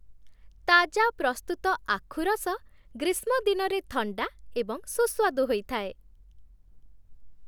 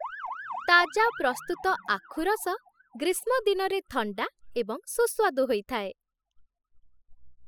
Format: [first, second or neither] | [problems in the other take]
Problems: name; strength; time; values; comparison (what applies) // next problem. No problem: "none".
first | noise reduction (classical method spectral subtraction)